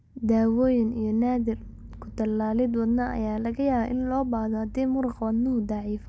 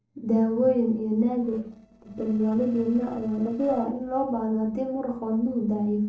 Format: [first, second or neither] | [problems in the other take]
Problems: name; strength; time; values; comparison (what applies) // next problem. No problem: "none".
first | noise reduction (neural separator model SepFormer DNS4)